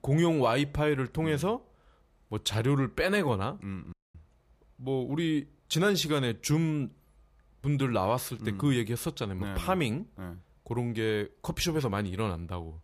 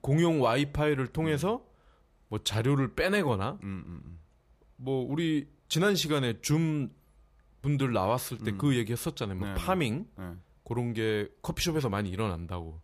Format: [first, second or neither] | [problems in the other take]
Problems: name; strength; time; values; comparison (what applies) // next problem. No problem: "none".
second | audio cutting out; at 4 s